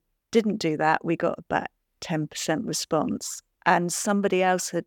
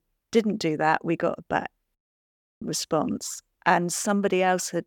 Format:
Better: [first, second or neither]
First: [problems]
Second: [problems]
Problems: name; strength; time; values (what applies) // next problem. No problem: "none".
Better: first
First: none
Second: audio cutting out; at 2 s for 0.5 s